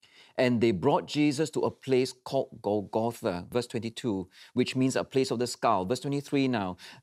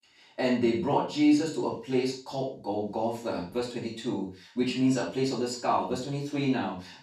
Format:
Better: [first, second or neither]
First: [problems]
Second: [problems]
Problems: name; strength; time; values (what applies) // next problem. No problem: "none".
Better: first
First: none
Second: room echo; noticeable; dies away in 0.3 s // off-mic speech; far